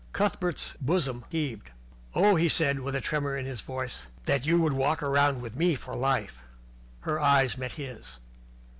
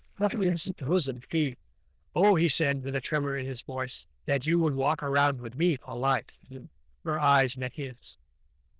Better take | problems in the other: first | noise reduction (neural diffusion model UNIVERSE++)

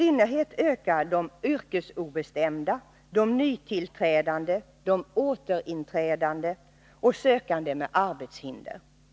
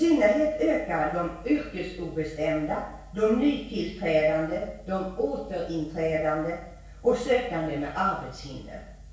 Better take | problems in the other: first | room echo; dies away in 0.6 s

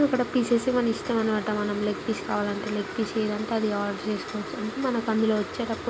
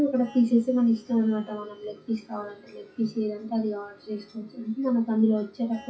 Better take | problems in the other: first | noise reduction (classical method WPE with log-MMSE)

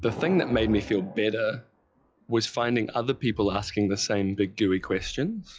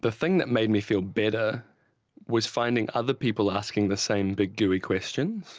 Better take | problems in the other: second | noise reduction (classical method log-MMSE)

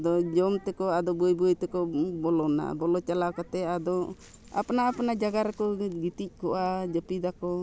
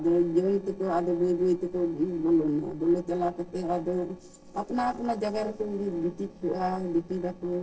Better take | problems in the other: first | noise reduction (neural separator model SepFormer DNS4)

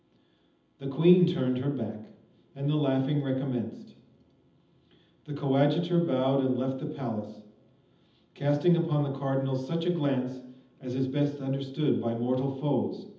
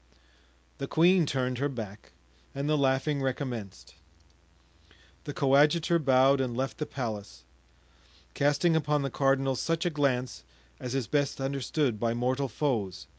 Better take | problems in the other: second | room echo; dies away in 0.8 s

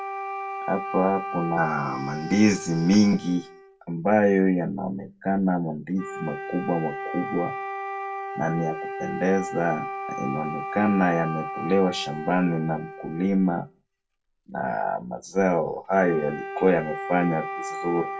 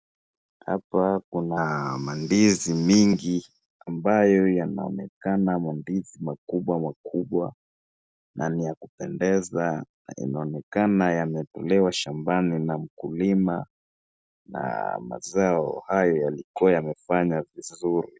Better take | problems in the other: second | background sound (Wind instrument, woodwind instrument); 9 dB below the speech // room echo; dies away in 0.1 s

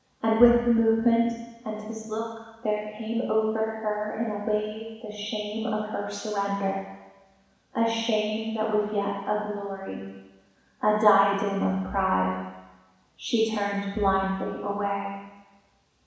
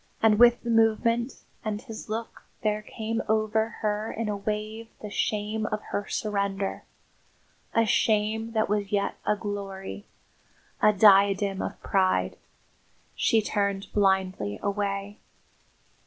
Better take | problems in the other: second | room echo; dies away in 1.1 s

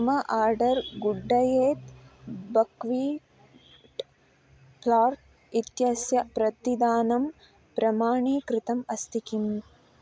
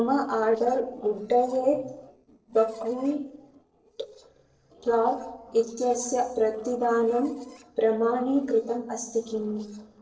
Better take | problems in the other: first | noise reduction (neural separator model SepFormer DNS4)

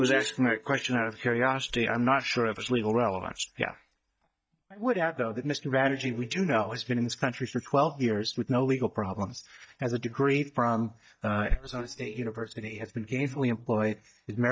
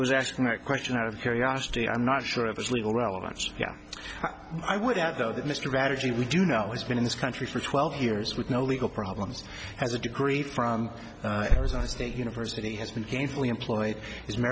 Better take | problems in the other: second | noise reduction (neural mask model DeepFilterNet 3)

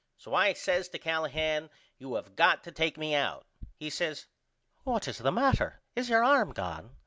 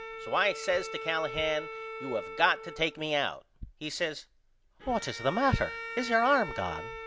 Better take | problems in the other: first | background sound (Bowed string instrument); 11 dB below the speech

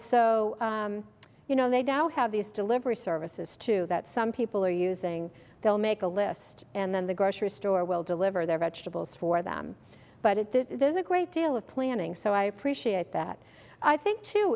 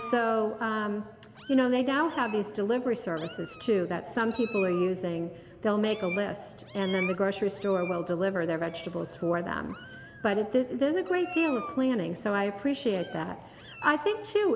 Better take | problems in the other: first | background sound (Meow); 17 dB below the speech // room echo; dies away in 1.6 s

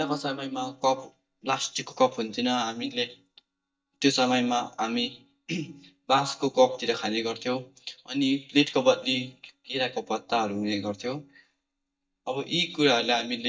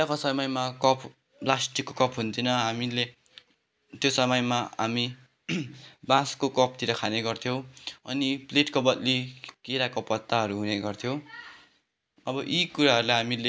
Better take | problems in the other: second | noise reduction (neural mask model DeepFilterNet 3)

